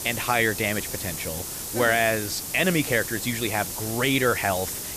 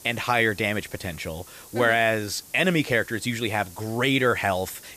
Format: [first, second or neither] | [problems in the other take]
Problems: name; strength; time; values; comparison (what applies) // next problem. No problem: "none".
second | hiss; loud; throughout; 6 dB below the speech; faint in the second